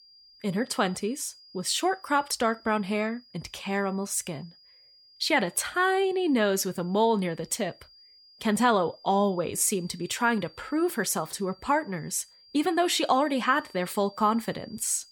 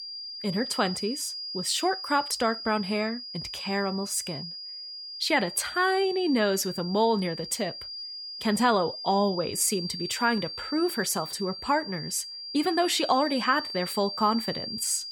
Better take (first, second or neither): first